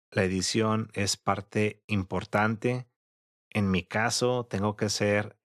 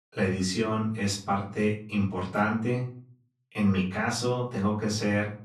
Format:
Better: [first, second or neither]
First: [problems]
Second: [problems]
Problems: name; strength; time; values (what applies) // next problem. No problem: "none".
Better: first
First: none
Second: off-mic speech; far // room echo; slight; dies away in 0.4 s